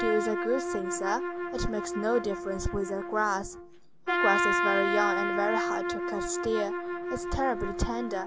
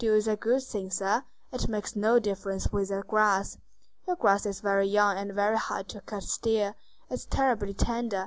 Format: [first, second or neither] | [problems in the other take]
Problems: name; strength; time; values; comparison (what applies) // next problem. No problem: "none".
second | background sound (Trumpet); as loud as the speech